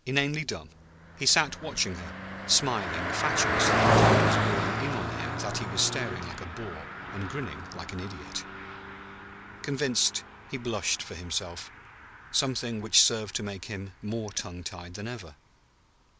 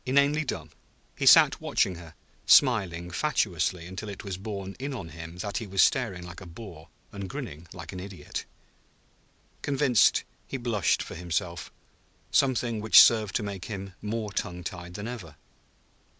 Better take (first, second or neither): second